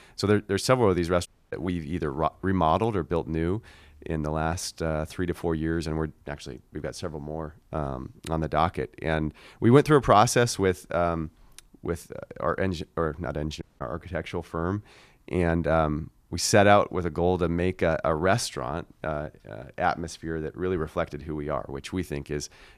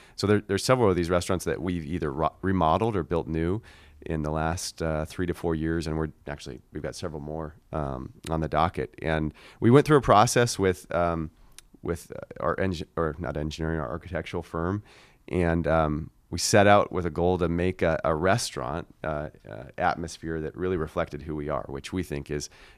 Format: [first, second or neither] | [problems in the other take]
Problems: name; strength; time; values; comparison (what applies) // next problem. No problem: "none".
second | audio cutting out; at 1.5 s and at 14 s